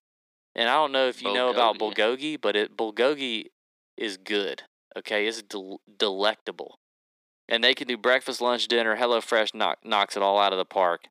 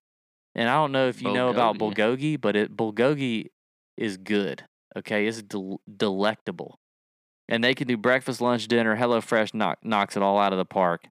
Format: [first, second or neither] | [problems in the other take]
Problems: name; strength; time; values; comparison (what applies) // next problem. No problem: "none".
second | thin; somewhat; fading below 350 Hz